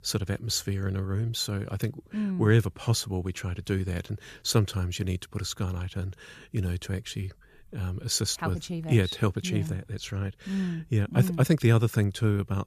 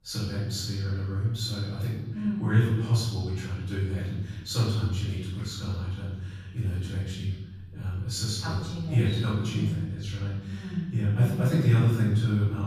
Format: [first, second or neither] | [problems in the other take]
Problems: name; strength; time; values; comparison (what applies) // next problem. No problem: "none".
first | off-mic speech; far // room echo; strong; dies away in 1.2 s